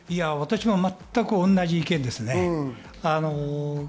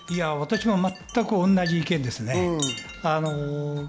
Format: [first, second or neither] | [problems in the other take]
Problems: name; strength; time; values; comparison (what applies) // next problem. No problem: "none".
first | background sound (Wind chime); 14 dB below the speech